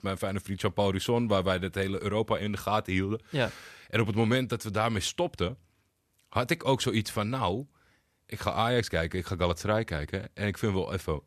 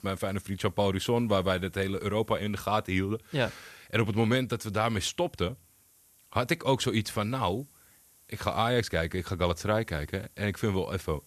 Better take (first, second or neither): first